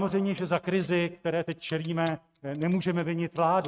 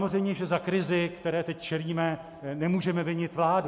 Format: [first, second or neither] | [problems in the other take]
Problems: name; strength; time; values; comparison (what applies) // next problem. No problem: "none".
second | noise reduction (neural mask model RNNoise)